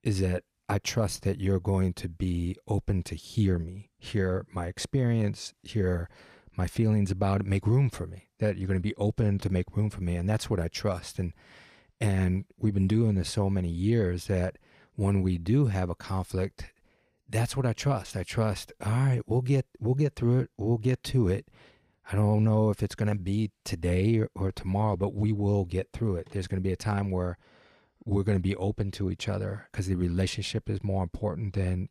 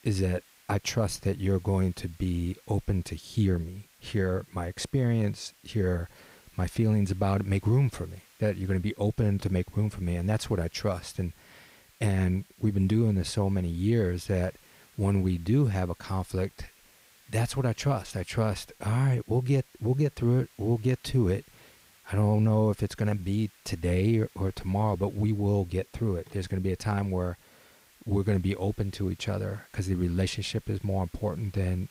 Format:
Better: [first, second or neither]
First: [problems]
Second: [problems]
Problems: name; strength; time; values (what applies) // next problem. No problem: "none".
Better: first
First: none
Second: hiss; faint; throughout; 30 dB below the speech